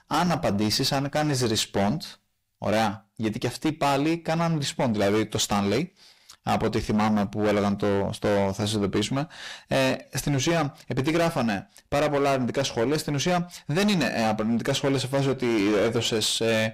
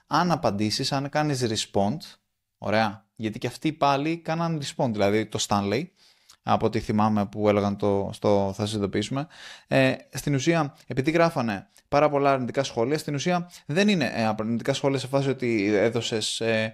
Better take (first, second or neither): second